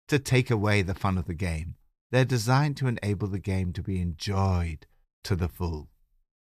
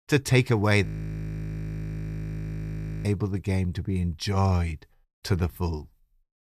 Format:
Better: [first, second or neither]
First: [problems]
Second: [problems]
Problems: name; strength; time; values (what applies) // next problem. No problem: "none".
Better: first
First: none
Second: audio freezing; at 1 s for 2 s